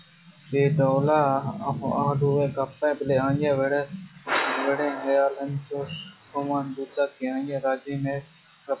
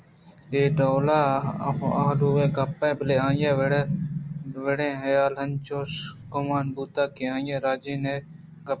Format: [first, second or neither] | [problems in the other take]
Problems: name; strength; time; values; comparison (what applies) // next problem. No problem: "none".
second | noise reduction (classical method log-MMSE)